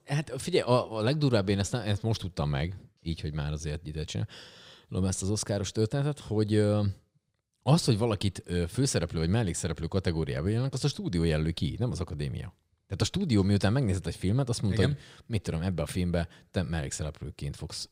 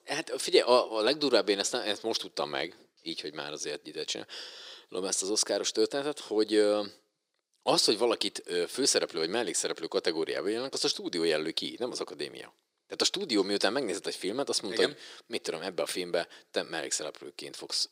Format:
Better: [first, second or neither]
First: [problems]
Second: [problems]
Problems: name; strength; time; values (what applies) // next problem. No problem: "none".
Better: first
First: none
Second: thin; very; fading below 350 Hz